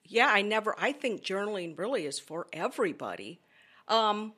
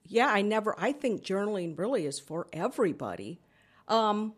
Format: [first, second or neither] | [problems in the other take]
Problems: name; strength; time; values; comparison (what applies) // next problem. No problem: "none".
second | thin; very slightly; fading below 650 Hz